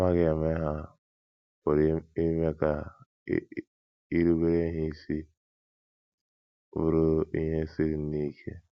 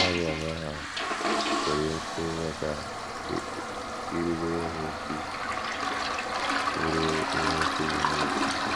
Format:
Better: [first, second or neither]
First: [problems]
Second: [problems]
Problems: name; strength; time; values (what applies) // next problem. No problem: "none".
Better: first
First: none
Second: background sound (Toilet flush); 4 dB above the speech